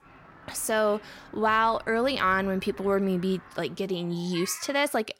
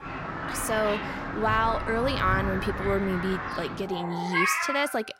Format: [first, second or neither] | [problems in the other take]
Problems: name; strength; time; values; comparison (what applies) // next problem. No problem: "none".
first | animal sounds; loud; throughout; 2 dB below the speech; faint in the first